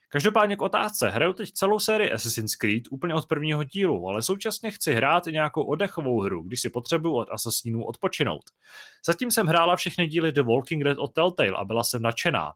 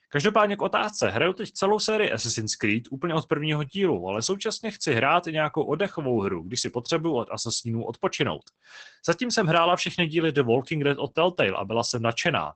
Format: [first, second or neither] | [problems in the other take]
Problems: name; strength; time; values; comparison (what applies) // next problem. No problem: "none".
first | garbled, watery; badly; nothing above 8 kHz; slightly in the first